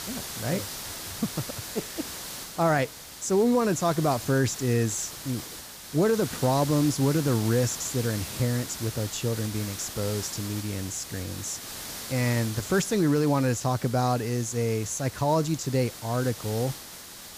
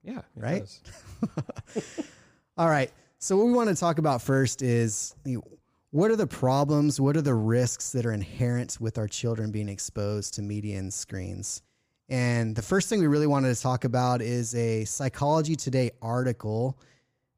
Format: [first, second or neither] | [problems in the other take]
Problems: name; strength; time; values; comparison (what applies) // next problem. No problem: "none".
second | hiss; loud; throughout; 10 dB below the speech